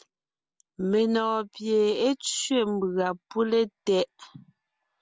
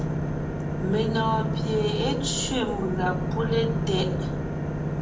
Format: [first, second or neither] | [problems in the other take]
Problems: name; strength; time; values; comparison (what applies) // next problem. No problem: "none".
first | background sound (Engine / Boat, Water vehicle); 1 dB above the speech // room echo; dies away in 0.5 s